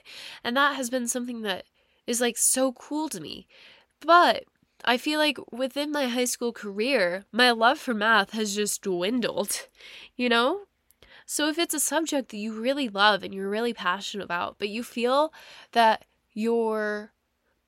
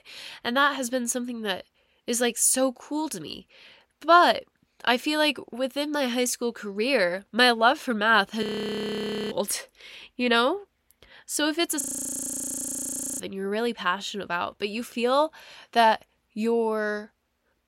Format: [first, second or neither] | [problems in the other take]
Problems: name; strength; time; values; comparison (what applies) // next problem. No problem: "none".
first | audio freezing; at 8.5 s for 1 s and at 12 s for 1.5 s